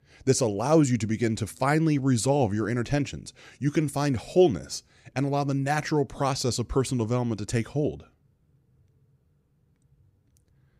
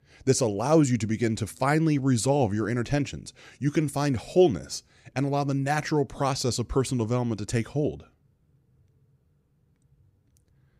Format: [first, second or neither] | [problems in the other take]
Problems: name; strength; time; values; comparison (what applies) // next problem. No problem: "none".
neither | none